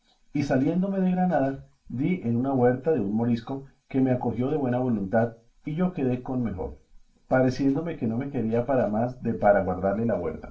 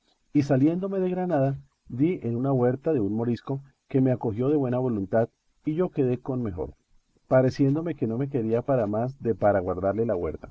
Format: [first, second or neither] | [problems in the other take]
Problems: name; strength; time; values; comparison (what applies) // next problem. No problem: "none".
second | room echo; dies away in 0.3 s